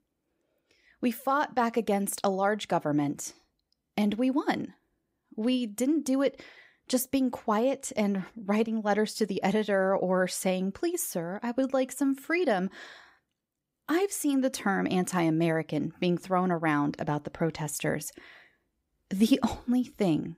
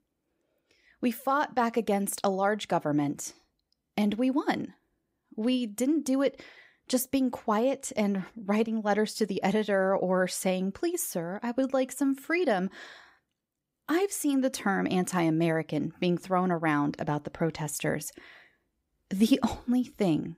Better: neither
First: none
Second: none

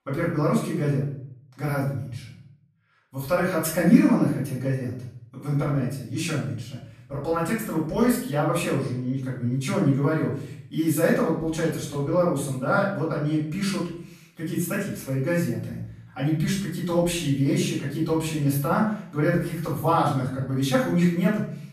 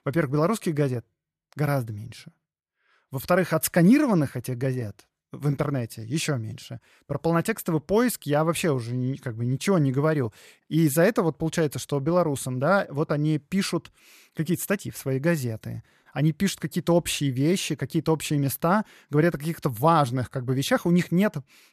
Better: second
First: off-mic speech; far // room echo; noticeable; dies away in 0.6 s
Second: none

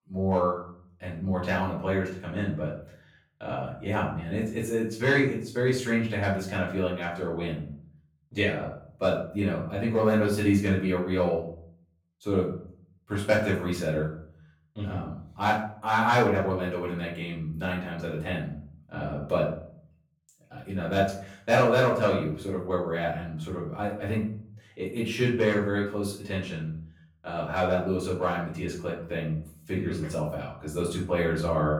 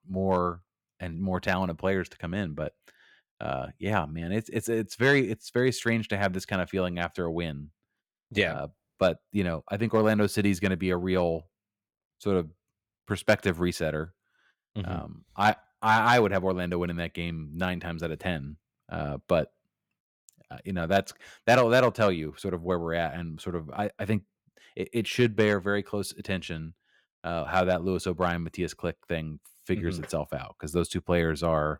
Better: second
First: room echo; noticeable; dies away in 0.5 s // off-mic speech; far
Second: none

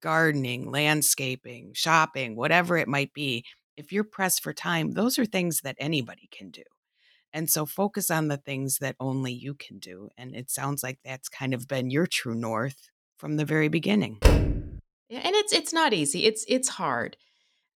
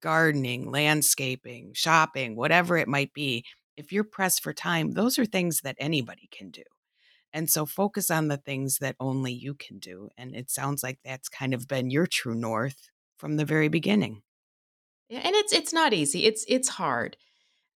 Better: second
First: door banging; loud; at 14 s; peak 4 dB above the speech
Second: none

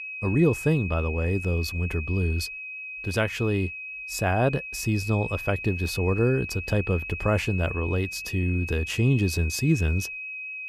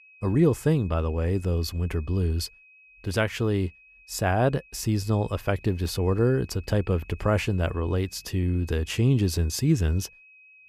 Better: second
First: high-pitched whine; loud; throughout; 2.5 kHz, 8 dB below the speech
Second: high-pitched whine; faint; throughout; 2.5 kHz, 25 dB below the speech

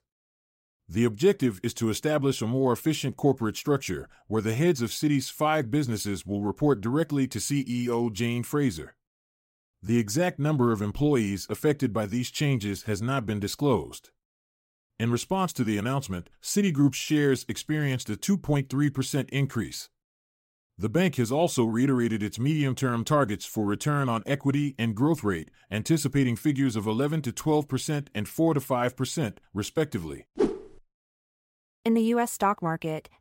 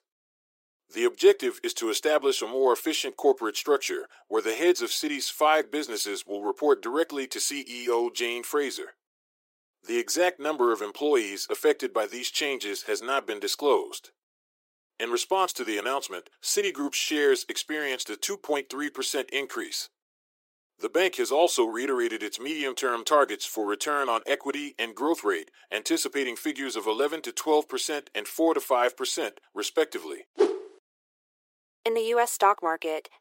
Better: first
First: none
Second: thin; very; fading below 350 Hz

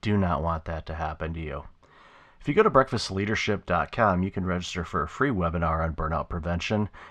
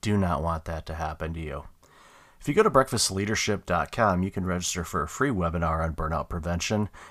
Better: second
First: muffled; slightly; fading above 3 kHz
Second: none

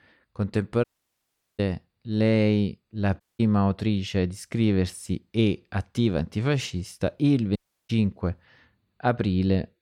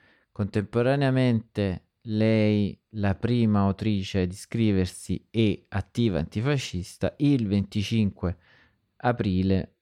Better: second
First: audio cutting out; at 1 s for 1 s, at 3 s and at 7.5 s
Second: none

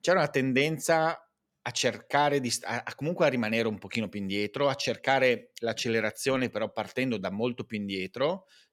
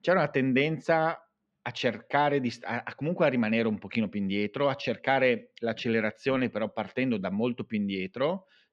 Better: first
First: none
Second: muffled; slightly; fading above 3.5 kHz

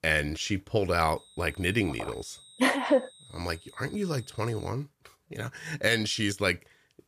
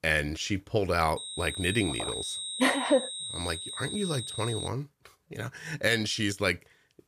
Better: first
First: high-pitched whine; faint; from 1 to 4.5 s; 4 kHz, 25 dB below the speech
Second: high-pitched whine; loud; from 1 to 4.5 s; 4 kHz, 5 dB below the speech

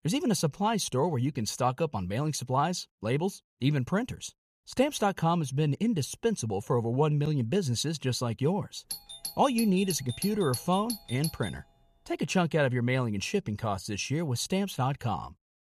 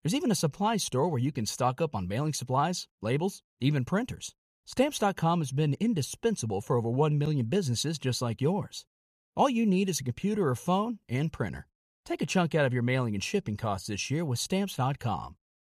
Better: second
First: doorbell; noticeable; from 9 to 12 s; peak 7 dB below the speech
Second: none

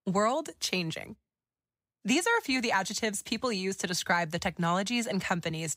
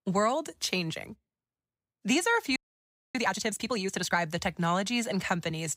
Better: first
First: none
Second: audio freezing; at 2.5 s for 0.5 s

